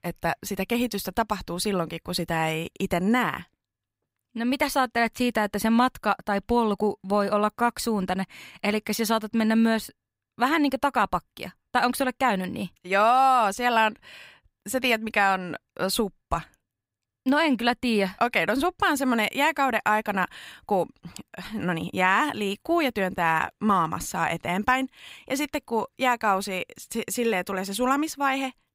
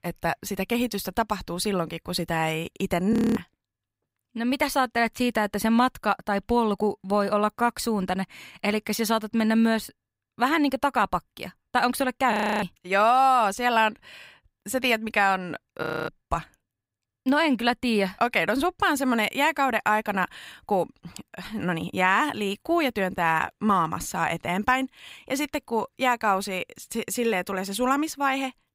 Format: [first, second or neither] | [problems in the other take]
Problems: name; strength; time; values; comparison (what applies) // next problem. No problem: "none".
first | audio freezing; at 3 s, at 12 s and at 16 s